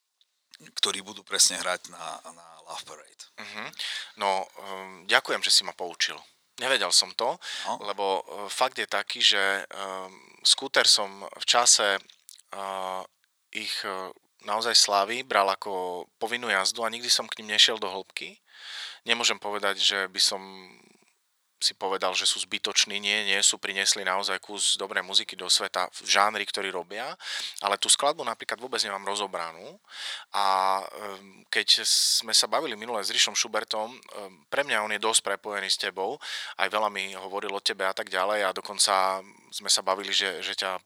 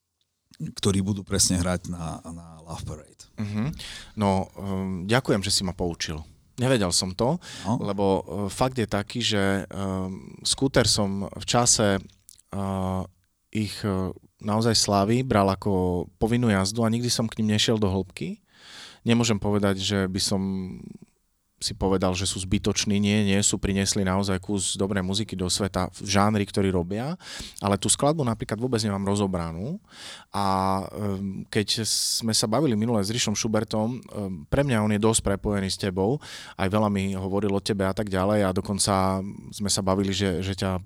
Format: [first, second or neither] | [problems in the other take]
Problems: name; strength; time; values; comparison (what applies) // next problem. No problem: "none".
second | thin; very; fading below 750 Hz